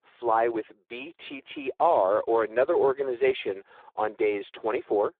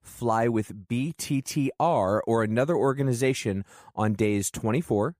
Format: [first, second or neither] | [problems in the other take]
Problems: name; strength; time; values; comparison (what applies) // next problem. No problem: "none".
second | phone-call audio; poor line